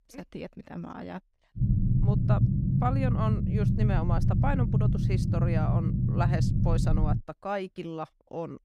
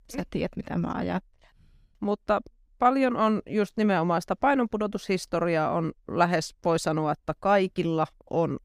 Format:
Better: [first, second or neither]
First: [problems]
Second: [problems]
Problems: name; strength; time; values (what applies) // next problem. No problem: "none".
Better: second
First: low rumble; loud; from 1.5 to 7 s; 2 dB below the speech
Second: none